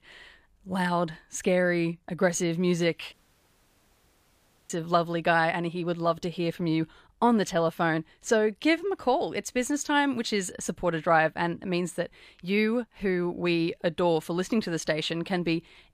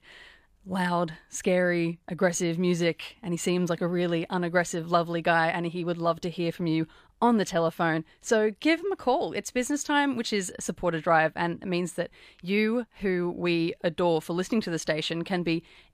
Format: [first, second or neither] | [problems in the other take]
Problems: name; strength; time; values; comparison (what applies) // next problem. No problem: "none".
second | audio cutting out; at 3 s for 1.5 s